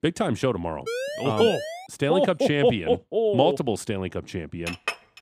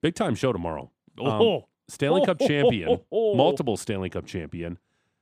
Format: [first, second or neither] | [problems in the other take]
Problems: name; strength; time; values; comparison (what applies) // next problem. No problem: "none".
second | siren; noticeable; from 1 to 2 s; peak 6 dB below the speech // clattering dishes; noticeable; at 4.5 s; peak 6 dB below the speech